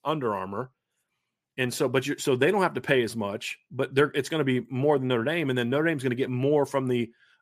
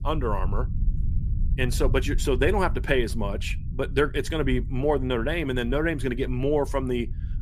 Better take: first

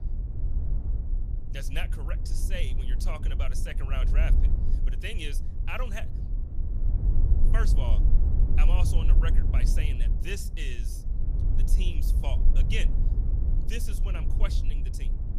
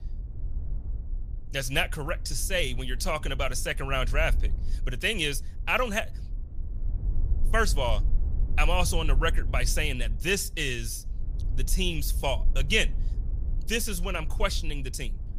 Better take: second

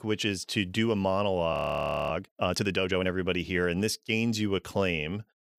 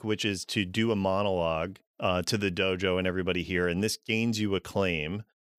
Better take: second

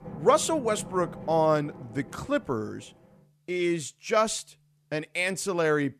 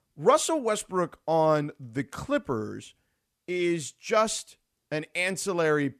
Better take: second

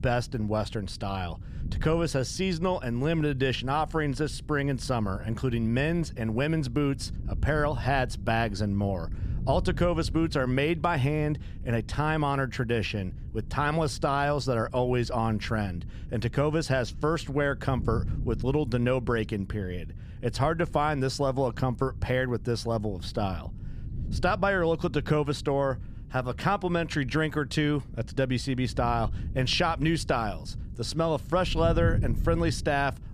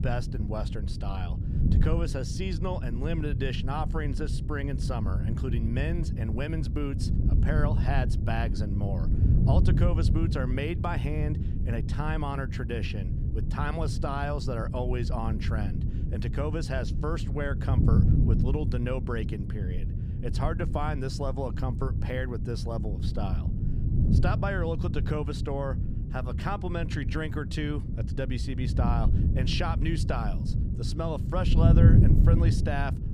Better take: first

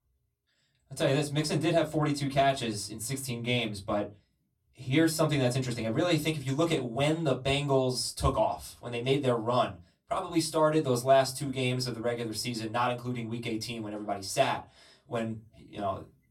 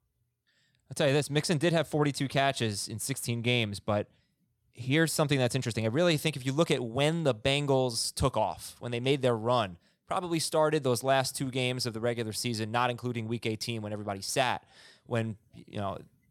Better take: second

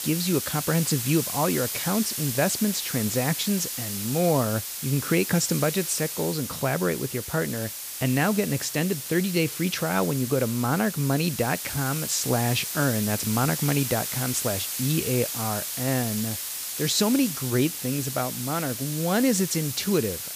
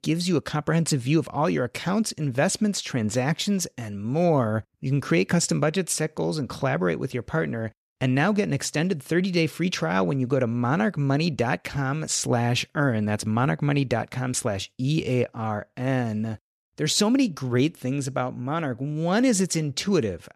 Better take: second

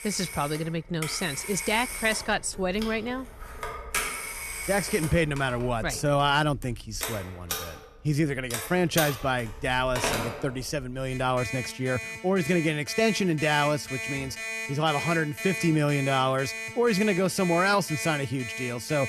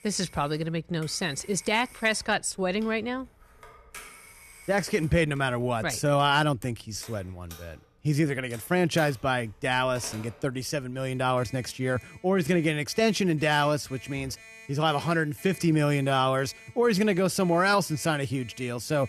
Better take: second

